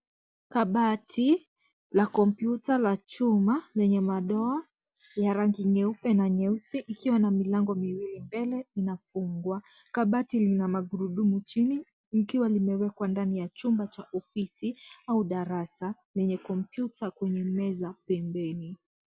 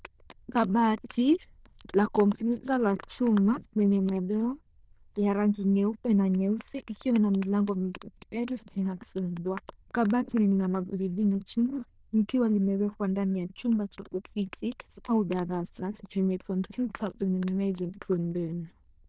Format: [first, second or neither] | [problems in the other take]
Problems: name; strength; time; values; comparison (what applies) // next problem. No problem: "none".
first | noise reduction (neural diffusion model UNIVERSE++)